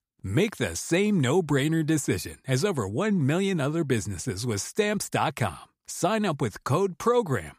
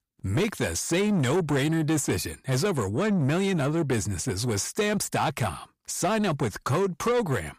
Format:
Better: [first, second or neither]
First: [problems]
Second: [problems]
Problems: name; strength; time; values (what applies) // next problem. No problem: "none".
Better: first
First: none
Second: distortion; slight; 10 dB below the speech